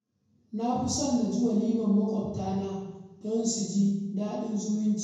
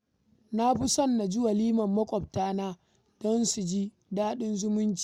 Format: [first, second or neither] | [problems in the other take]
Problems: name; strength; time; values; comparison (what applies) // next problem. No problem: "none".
second | room echo; dies away in 1 s